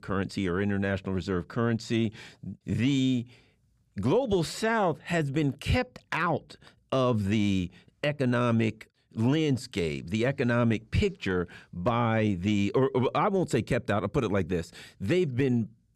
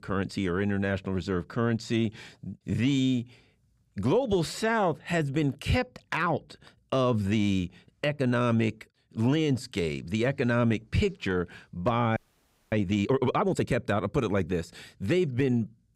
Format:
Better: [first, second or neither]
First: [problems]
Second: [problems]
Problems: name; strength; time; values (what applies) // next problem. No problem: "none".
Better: first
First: none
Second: audio freezing; at 12 s for 0.5 s